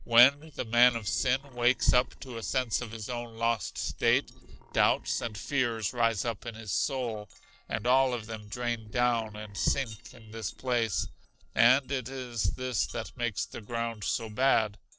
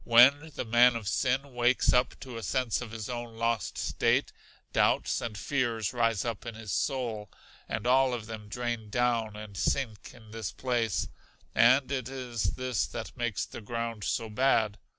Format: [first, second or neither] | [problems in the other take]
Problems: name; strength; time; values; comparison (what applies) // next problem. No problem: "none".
second | noise reduction (neural separator model SepFormer DNS4)